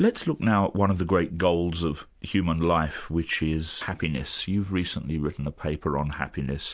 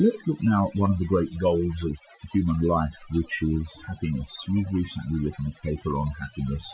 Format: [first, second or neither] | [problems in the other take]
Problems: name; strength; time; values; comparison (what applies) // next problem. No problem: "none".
first | noise reduction (classical method Wiener filter)